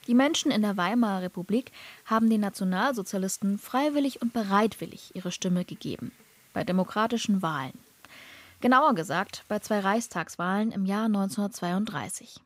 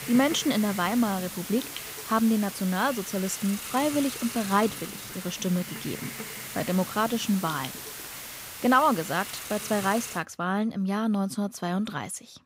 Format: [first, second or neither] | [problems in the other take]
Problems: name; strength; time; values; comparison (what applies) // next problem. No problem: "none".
first | hiss; loud; until 10 s; 9 dB below the speech; faint in the first